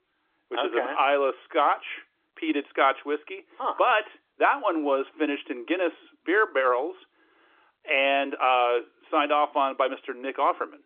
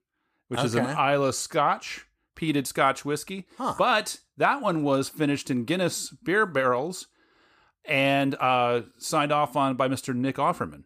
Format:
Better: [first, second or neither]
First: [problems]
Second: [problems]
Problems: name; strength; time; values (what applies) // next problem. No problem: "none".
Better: second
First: phone-call audio; nothing above 3.5 kHz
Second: none